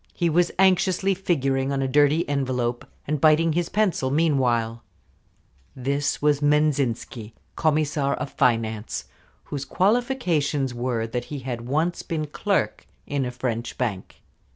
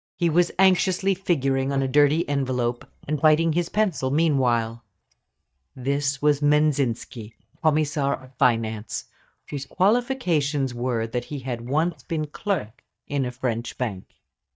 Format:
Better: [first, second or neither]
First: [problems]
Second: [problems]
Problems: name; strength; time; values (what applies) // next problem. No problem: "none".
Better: first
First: none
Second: noise reduction (neural mask model DeepFilterNet 3)